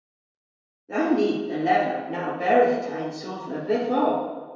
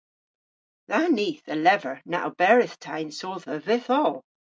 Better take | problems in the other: second | room echo; dies away in 1.2 s

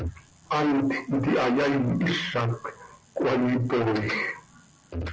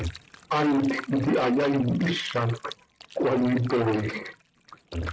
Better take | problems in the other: first | noise reduction (neural mask model RNNoise)

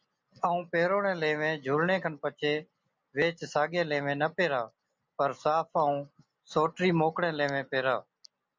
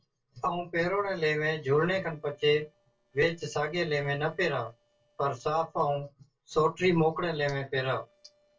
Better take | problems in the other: first | noise reduction (neural separator model SepFormer DNS4)

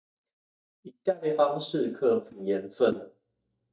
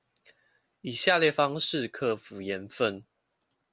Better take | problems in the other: second | noise reduction (neural mask model DeepFilterNet 3)

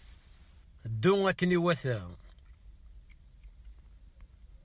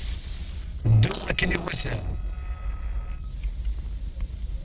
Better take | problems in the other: first | noise reduction (neural separator model SepFormer DNS4)

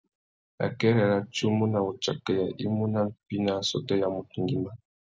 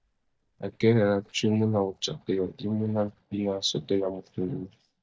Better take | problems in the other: first | noise reduction (neural mask model DeepFilterNet 3)

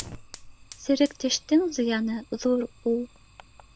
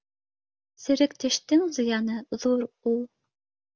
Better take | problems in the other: second | background sound (Fire); 20 dB below the speech

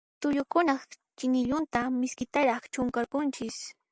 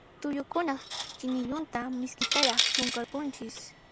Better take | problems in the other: first | background sound (Coin (dropping)); as loud as the speech

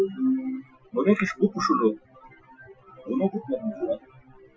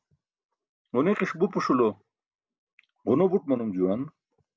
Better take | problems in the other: second | noise reduction (classical method Wiener filter)

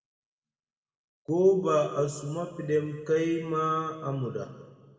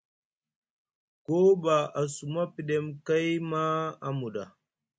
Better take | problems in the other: second | room echo; dies away in 1.6 s

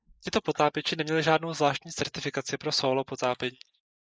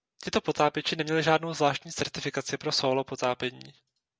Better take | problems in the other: second | noise reduction (neural mask model Resemble Enhance denoiser)

